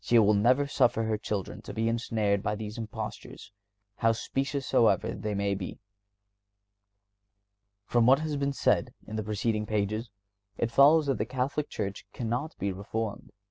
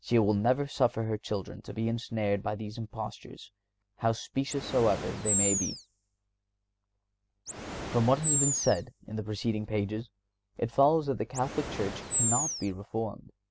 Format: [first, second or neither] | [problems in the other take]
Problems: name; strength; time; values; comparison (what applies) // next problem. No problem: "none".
first | background sound (Animal); 1 dB below the speech